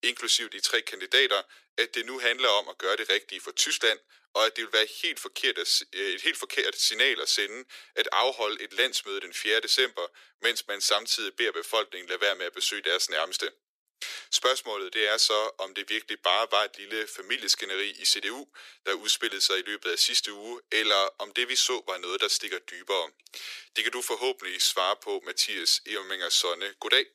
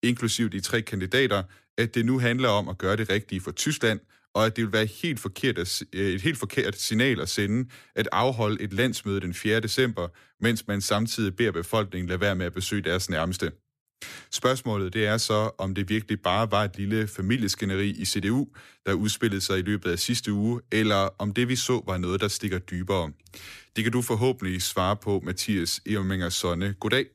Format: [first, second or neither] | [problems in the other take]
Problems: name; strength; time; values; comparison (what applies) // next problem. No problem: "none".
second | thin; very; fading below 400 Hz